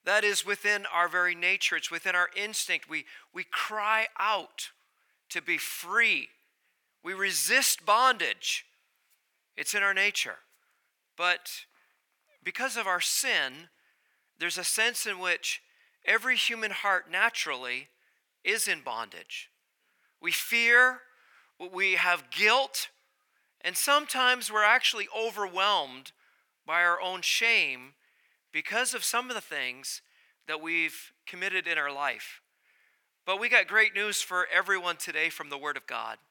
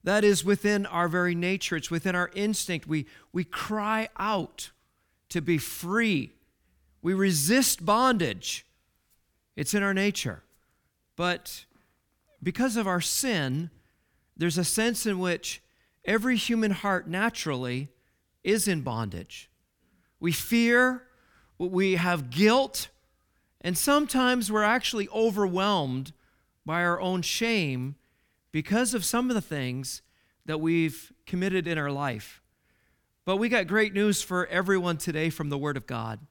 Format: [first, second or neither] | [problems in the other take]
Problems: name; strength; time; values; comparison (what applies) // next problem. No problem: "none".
second | thin; very; fading below 750 Hz